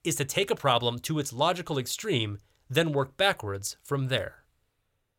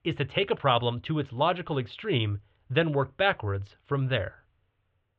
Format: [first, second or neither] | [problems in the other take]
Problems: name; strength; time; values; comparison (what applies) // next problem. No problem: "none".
first | muffled; very slightly; fading above 3 kHz